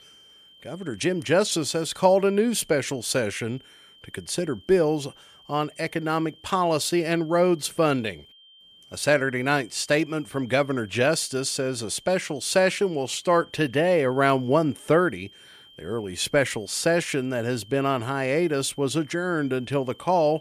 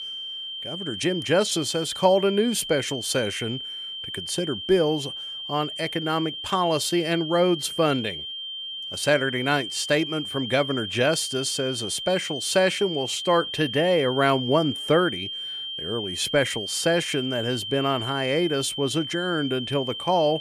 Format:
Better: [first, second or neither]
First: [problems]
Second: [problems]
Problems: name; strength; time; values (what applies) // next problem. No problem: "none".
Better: first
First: high-pitched whine; faint; throughout; 3 kHz, 25 dB below the speech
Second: high-pitched whine; loud; throughout; 3 kHz, 6 dB below the speech